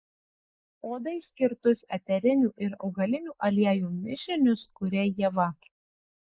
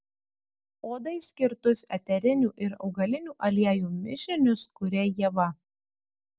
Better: second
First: noise reduction (neural mask model Resemble Enhance denoiser)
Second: none

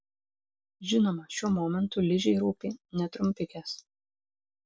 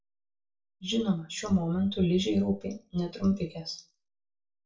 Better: first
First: none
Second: room echo; dies away in 0.3 s

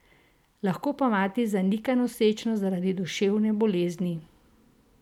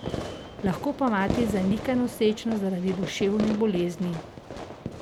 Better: first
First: none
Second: background sound (Fireworks); 8 dB below the speech

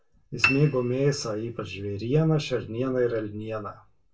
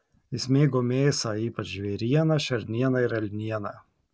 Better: second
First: background sound (Piano); 4 dB below the speech // room echo; dies away in 0.2 s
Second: none

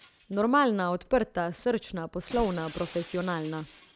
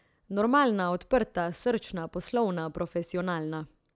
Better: second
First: background sound (Shatter + Slam / Car); 19 dB below the speech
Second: none

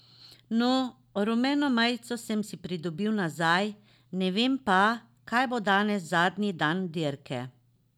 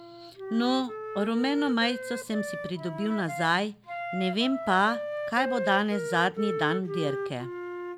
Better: first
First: none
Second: background sound (Wind instrument, woodwind instrument); 6 dB below the speech

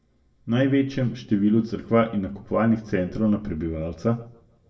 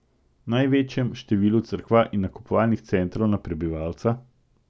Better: second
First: room echo; dies away in 0.6 s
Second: none

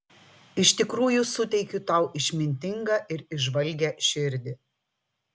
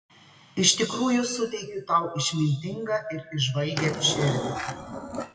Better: first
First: none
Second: noise reduction (classical method WPE with log-MMSE)

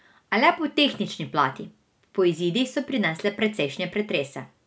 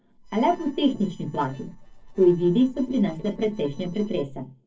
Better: first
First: none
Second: noise reduction (neural separator model SepFormer DNS4)

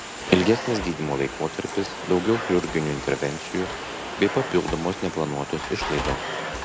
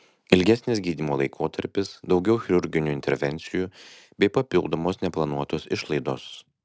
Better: second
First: background sound (Domestic sounds, home sounds); 6 dB below the speech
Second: none

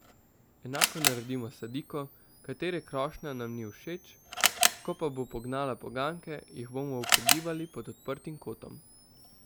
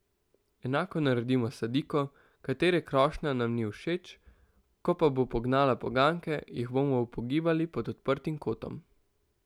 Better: second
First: background sound (Camera); 3 dB above the speech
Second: none

